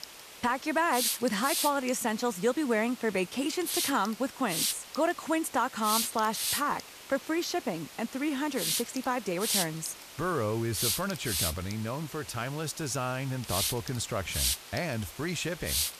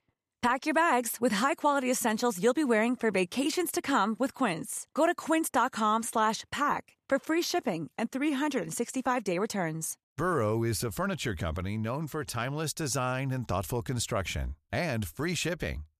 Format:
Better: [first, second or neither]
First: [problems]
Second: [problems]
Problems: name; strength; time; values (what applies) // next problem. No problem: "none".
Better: second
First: hiss; loud; throughout; as loud as the speech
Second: none